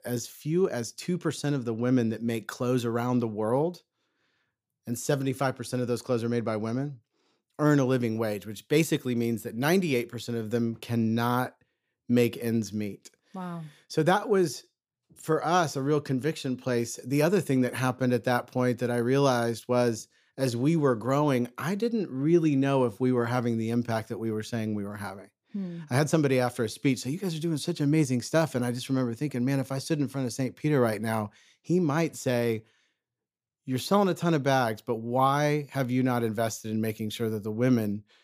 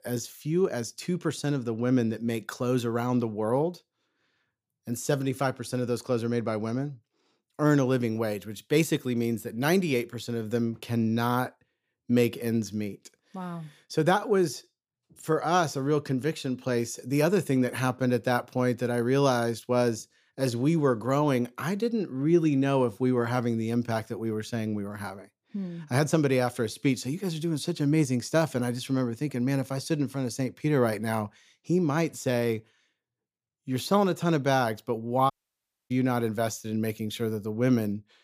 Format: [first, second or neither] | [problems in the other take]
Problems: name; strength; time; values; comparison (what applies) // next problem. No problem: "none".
first | audio cutting out; at 35 s for 0.5 s